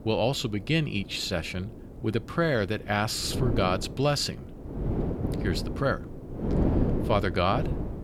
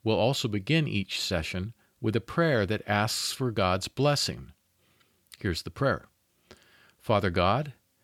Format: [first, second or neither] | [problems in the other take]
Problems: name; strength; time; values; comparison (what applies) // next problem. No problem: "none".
second | wind noise on the microphone; heavy; 8 dB below the speech